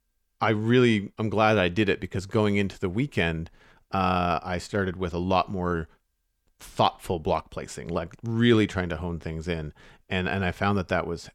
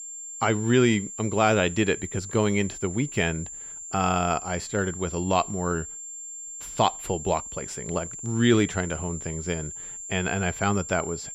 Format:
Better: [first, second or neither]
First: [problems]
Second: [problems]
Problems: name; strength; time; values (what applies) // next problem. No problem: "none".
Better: first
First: none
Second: high-pitched whine; loud; throughout; 7.5 kHz, 10 dB below the speech